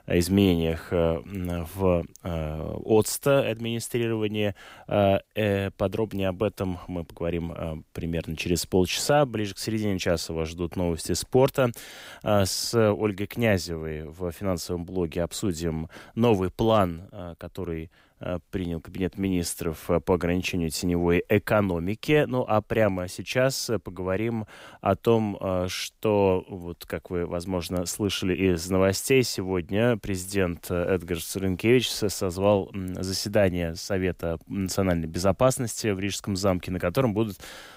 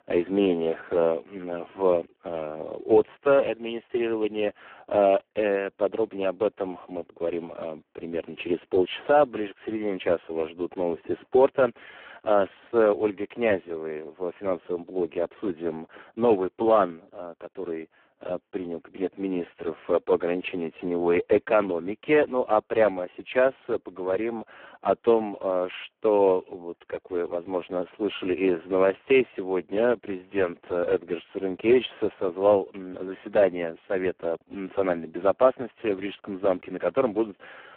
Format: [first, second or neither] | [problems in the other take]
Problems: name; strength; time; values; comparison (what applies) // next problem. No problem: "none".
first | phone-call audio; poor line